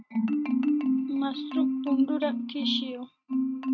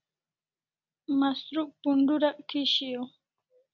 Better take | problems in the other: second | noise reduction (neural mask model RNNoise)

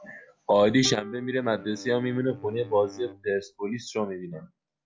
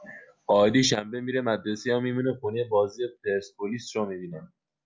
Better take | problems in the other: second | background sound (Wind instrument, woodwind instrument + Plucked string instrument); 17 dB below the speech

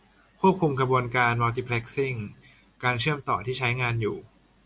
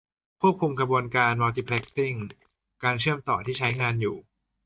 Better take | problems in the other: first | noise reduction (neural mask model DeepFilterNet 3)

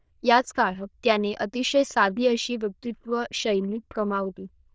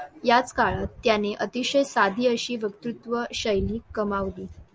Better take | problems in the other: second | noise reduction (neural diffusion model UNIVERSE++)

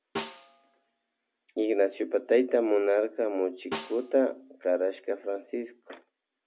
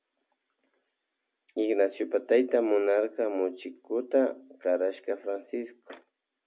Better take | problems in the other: second | background sound (Snare drum); 16 dB below the speech

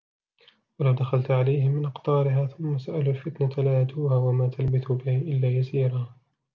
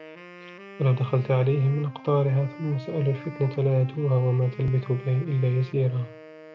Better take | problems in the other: first | background sound (Wind instrument, woodwind instrument); 19 dB below the speech

